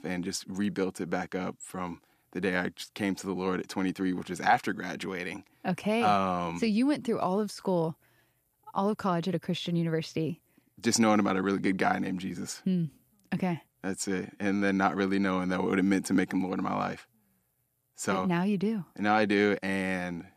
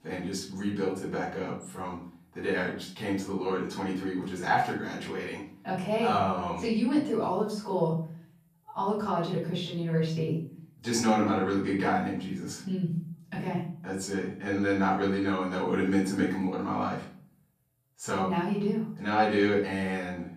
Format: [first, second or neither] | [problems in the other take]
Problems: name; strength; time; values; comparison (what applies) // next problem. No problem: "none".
first | off-mic speech; far // room echo; noticeable; dies away in 0.5 s